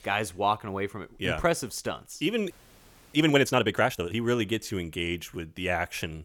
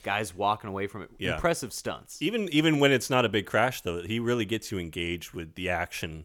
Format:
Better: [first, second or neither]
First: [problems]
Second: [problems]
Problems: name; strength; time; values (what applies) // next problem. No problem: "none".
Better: second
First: audio freezing; at 2.5 s for 0.5 s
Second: none